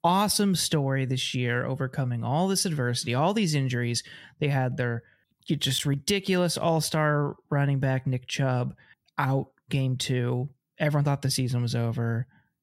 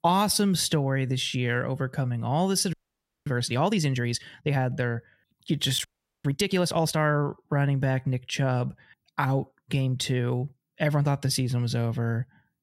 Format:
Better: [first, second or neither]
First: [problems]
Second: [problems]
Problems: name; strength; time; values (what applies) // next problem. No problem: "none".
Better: first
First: none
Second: audio freezing; at 2.5 s for 0.5 s and at 6 s